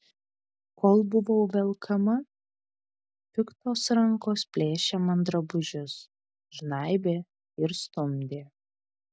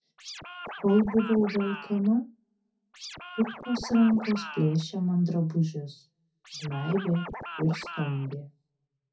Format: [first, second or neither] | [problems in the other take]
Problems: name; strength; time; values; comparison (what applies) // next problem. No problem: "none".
first | background sound (Scratching (performance technique)); 12 dB below the speech // room echo; dies away in 0.3 s